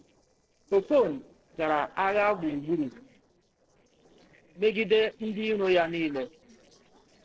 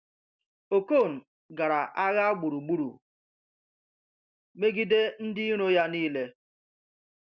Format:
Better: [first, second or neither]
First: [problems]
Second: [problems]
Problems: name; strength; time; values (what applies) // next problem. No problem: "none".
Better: second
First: noise reduction (neural separator model SepFormer DNS4)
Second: none